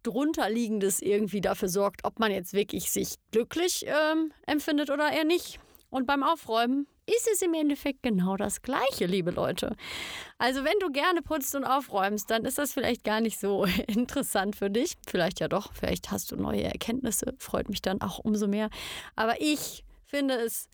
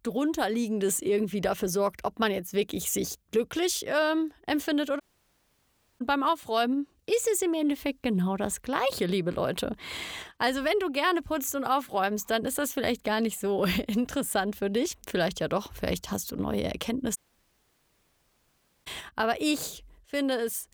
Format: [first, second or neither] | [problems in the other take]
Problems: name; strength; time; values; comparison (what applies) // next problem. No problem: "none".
first | audio cutting out; at 5 s for 1 s and at 17 s for 1.5 s